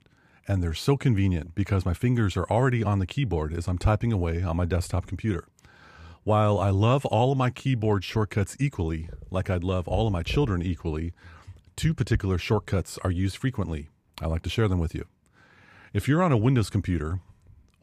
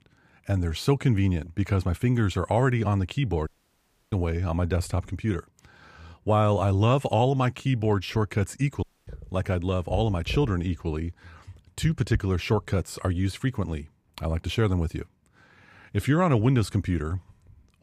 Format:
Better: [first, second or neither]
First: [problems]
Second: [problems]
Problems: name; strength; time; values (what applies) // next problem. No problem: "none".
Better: first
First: none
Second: audio cutting out; at 3.5 s for 0.5 s and at 9 s